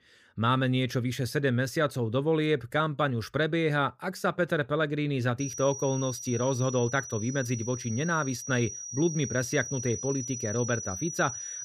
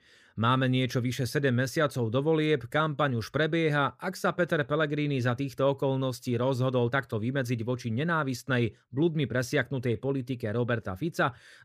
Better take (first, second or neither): second